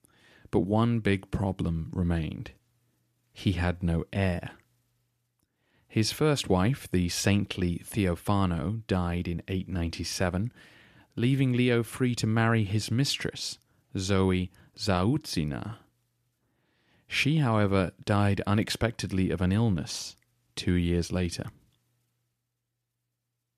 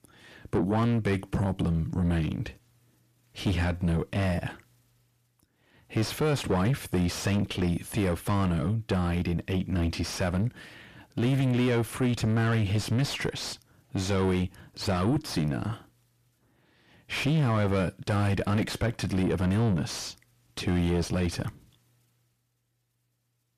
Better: first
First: none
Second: distortion; heavy; 6 dB below the speech

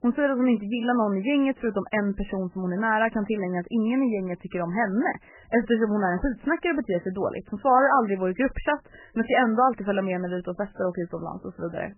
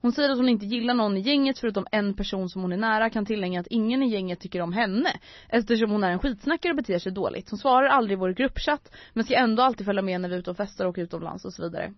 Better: second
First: garbled, watery; badly; nothing above 3 kHz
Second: garbled, watery; slightly; nothing above 5.5 kHz

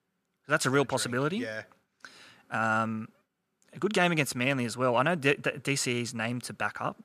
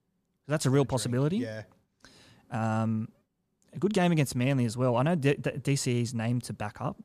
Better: second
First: thin; somewhat; fading below 350 Hz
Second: none

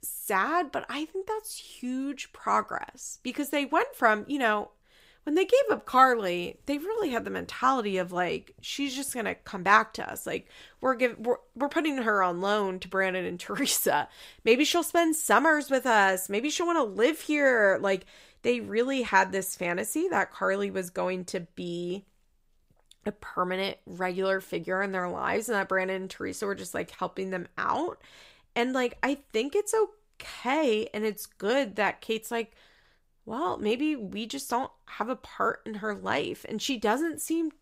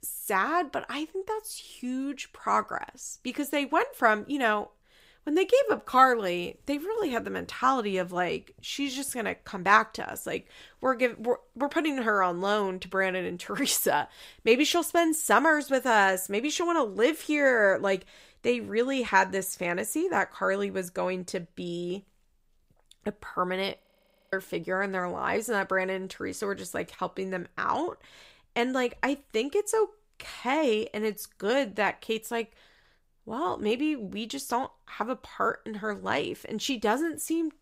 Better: first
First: none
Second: audio freezing; at 24 s for 0.5 s

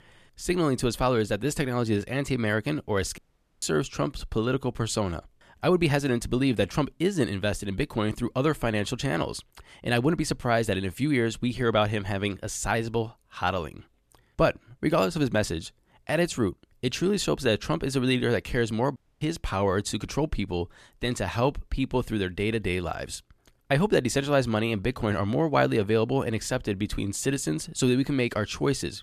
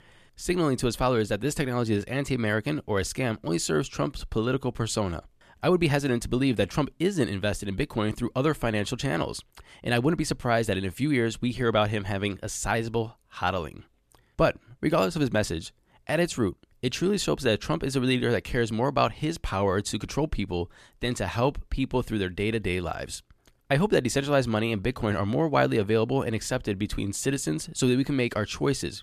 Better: second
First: audio cutting out; at 3 s and at 19 s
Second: none

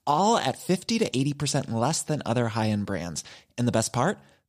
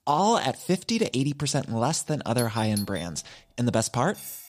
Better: first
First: none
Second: doorbell; noticeable; at 2.5 s; peak 8 dB below the speech // clattering dishes; very faint; at 4 s; peak 10 dB below the speech

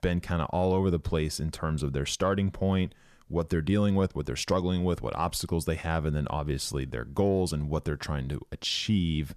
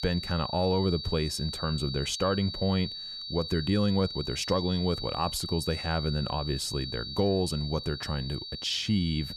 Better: first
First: none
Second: high-pitched whine; loud; throughout; 4.5 kHz, 6 dB below the speech

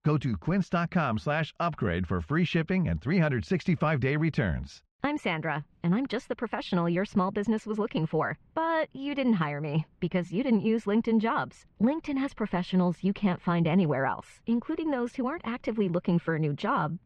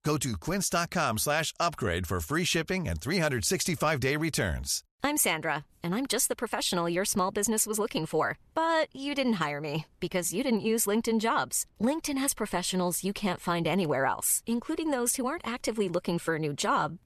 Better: second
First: muffled; very; fading above 3 kHz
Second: none

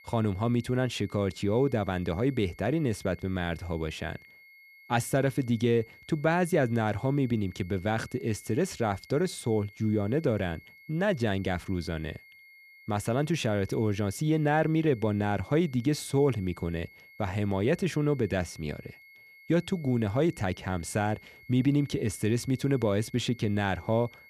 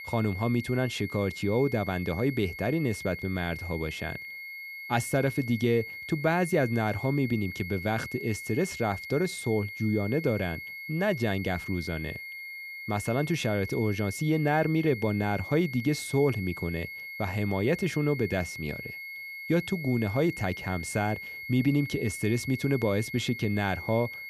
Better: first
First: high-pitched whine; faint; throughout; 2 kHz, 25 dB below the speech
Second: high-pitched whine; loud; throughout; 2 kHz, 9 dB below the speech

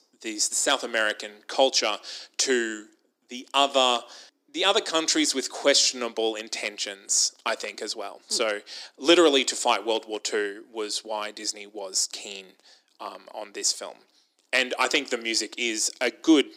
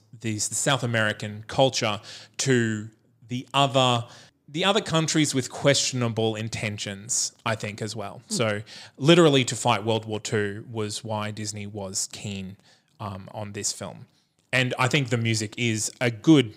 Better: second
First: thin; somewhat; fading below 300 Hz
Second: none

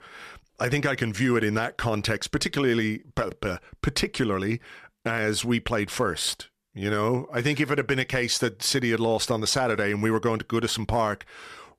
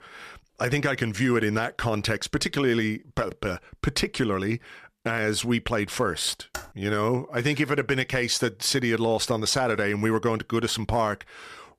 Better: first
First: none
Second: keyboard typing; faint; at 6.5 s; peak 15 dB below the speech

